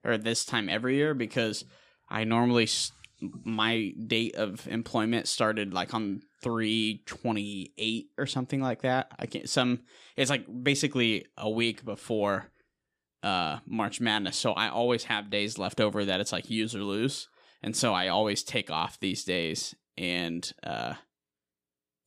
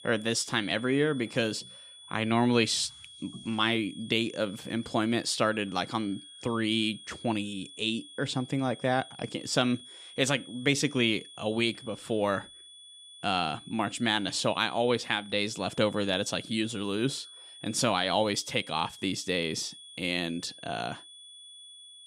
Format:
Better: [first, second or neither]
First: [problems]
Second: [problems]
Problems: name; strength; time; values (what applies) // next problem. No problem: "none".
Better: first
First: none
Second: high-pitched whine; noticeable; throughout; 3.5 kHz, 15 dB below the speech